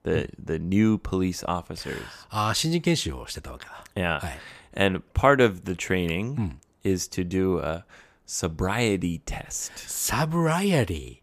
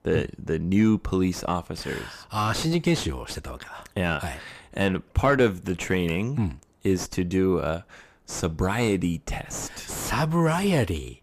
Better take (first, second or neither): first